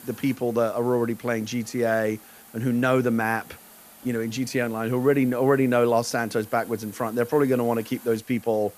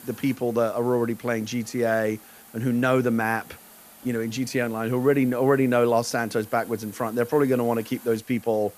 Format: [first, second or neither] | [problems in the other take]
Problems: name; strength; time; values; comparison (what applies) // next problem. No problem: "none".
neither | hiss; faint; throughout; 20 dB below the speech; the same in both